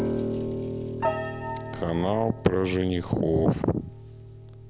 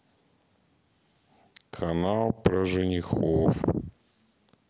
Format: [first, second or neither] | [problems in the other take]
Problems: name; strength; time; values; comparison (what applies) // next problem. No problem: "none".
second | background sound (Piano); 5 dB below the speech